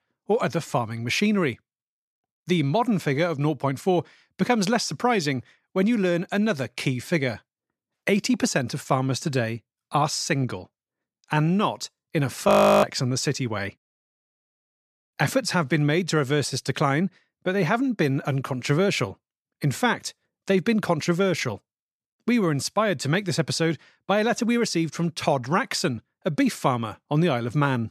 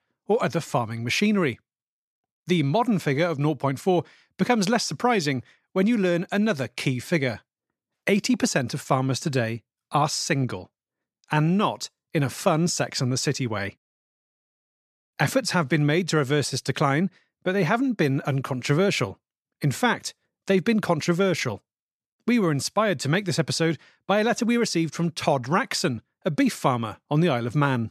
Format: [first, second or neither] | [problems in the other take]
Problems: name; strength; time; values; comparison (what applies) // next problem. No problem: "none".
second | audio freezing; at 12 s